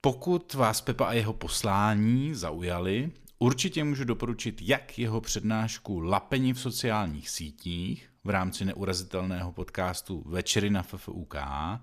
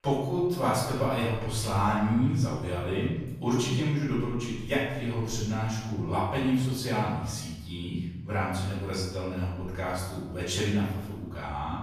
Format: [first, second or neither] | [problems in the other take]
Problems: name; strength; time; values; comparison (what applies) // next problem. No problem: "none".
first | off-mic speech; far // room echo; noticeable; dies away in 1.1 s